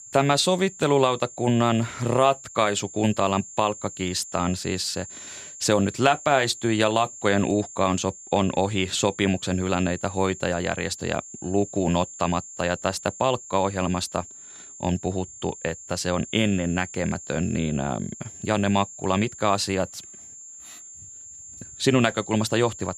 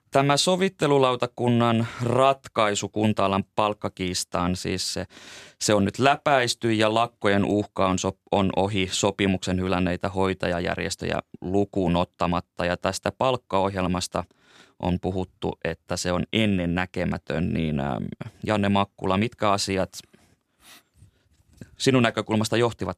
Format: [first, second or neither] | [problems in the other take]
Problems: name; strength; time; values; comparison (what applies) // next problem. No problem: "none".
second | high-pitched whine; noticeable; throughout; 7 kHz, 15 dB below the speech